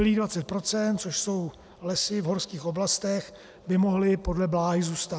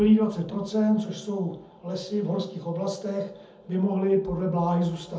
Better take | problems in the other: first | room echo; dies away in 0.7 s

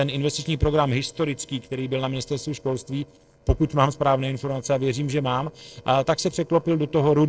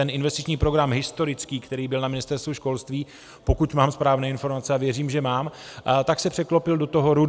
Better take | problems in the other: second | noise reduction (neural separator model SepFormer DNS4)

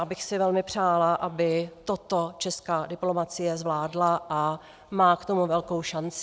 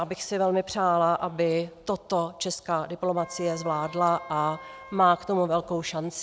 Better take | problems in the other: first | background sound (Wind instrument, woodwind instrument); 18 dB below the speech

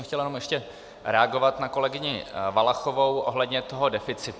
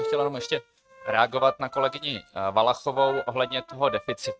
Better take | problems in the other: first | noise reduction (neural mask model RNNoise)

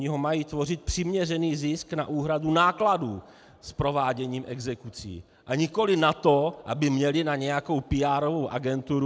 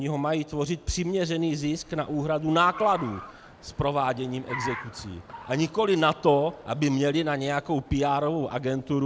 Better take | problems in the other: first | background sound (Car); 18 dB below the speech

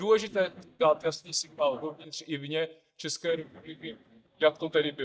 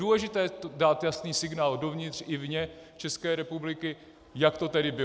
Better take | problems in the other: second | noise reduction (neural mask model DeepFilterNet 3)

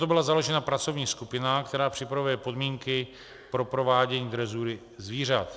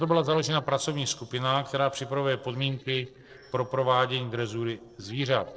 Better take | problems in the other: first | noise reduction (neural separator model SepFormer DNS4)

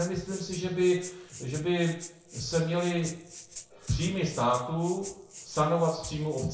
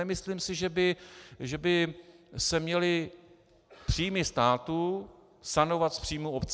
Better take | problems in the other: second | background sound (Rattle (instrument)); 16 dB below the speech // room echo; dies away in 0.6 s

